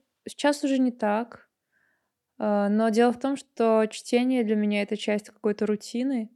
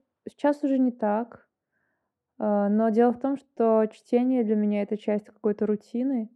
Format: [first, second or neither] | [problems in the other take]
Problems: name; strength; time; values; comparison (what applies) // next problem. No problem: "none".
first | muffled; very; fading above 2 kHz